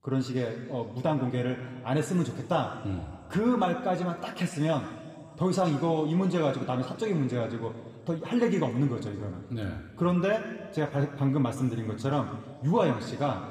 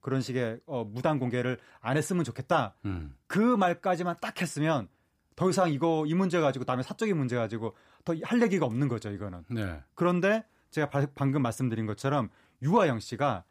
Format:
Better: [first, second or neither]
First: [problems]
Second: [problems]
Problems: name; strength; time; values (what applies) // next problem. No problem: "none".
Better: second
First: room echo; slight; dies away in 2.1 s // off-mic speech; somewhat distant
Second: none